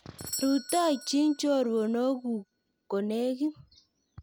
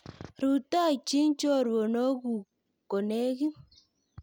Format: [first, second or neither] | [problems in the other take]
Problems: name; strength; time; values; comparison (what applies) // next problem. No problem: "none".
second | background sound (Doorbell); 16 dB below the speech